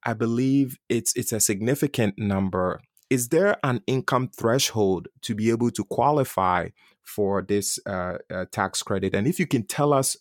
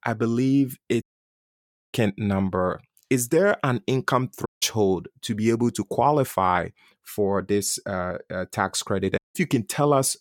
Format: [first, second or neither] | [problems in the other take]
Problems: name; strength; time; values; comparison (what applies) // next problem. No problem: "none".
first | audio cutting out; at 1 s for 1 s, at 4.5 s and at 9 s